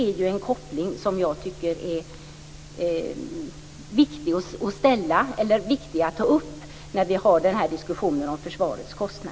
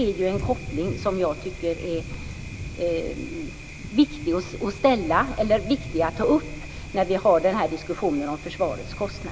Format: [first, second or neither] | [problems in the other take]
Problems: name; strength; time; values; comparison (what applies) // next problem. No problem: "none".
first | background sound (Thunder); 11 dB below the speech